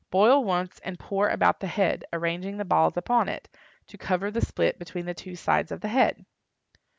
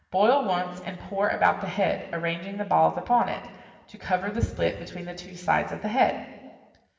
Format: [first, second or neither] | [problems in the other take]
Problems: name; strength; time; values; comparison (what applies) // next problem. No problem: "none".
first | room echo; dies away in 1.4 s